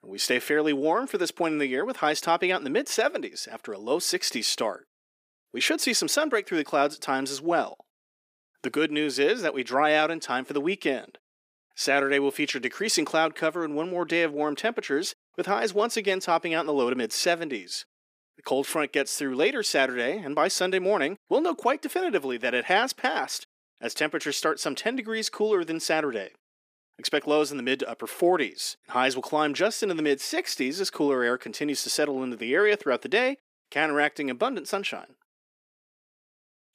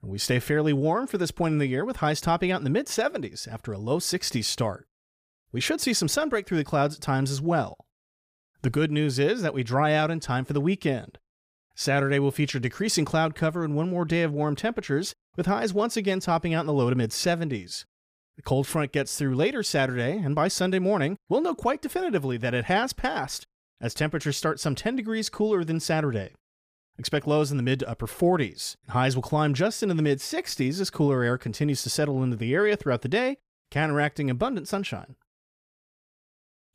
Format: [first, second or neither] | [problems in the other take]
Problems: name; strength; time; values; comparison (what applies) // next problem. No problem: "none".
second | thin; somewhat; fading below 250 Hz